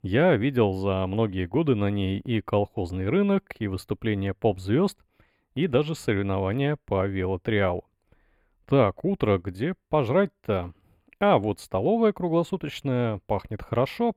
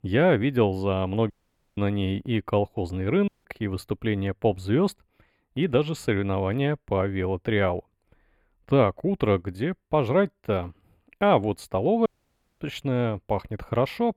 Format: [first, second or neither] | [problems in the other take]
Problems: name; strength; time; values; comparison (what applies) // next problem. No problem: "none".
first | audio cutting out; at 1.5 s, at 3.5 s and at 12 s for 0.5 s